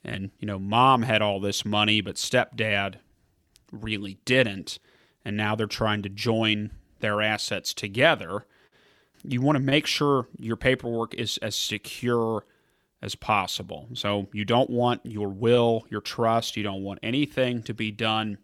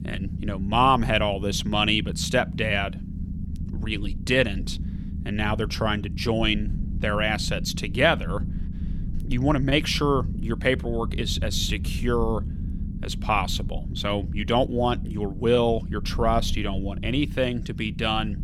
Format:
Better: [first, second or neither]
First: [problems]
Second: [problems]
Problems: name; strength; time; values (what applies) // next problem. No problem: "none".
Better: first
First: none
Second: low rumble; noticeable; throughout; 20 dB below the speech